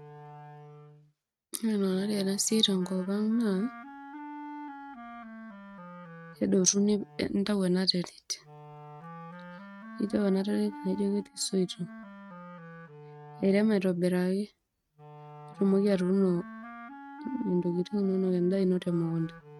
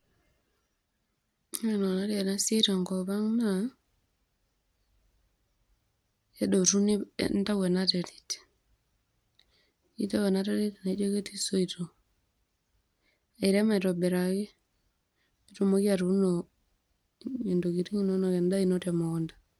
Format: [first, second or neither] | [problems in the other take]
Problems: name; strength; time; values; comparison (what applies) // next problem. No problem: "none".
second | noise reduction (neural mask model RNNoise)